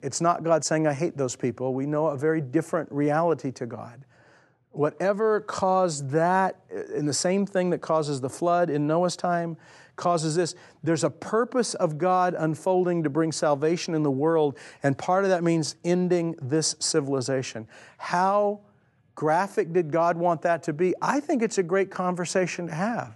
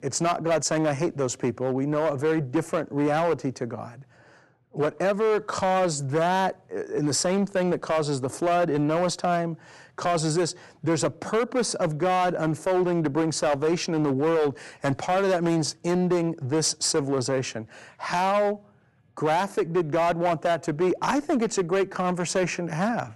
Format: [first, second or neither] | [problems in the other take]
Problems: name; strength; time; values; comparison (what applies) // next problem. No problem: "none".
first | distortion; slight; 10% of the sound clipped